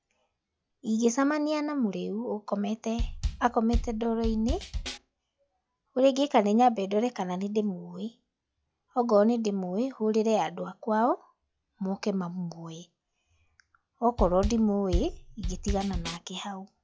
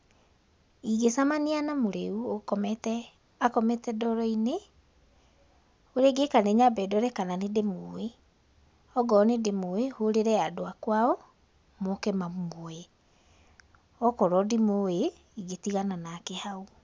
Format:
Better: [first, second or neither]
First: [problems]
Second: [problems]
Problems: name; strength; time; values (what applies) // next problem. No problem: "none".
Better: second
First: noise reduction (classical method log-MMSE)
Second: none